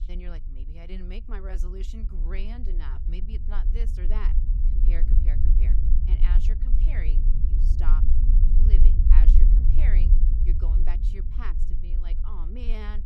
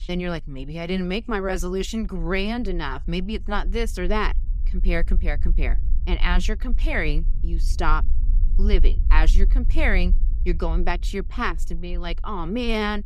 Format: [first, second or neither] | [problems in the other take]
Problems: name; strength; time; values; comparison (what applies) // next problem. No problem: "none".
second | low rumble; loud; throughout; 2 dB below the speech; faint in the second